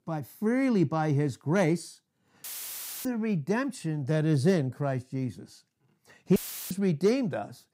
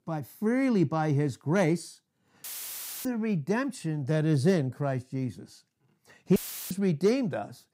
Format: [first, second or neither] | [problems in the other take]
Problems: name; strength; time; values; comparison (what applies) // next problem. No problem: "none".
neither | audio cutting out; filled with static; at 2.5 s for 0.5 s and at 6.5 s; the same in both